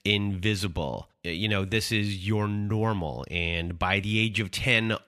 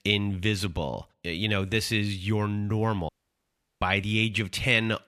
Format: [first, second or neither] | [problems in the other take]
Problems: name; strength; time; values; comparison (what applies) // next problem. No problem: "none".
first | audio cutting out; at 3 s for 0.5 s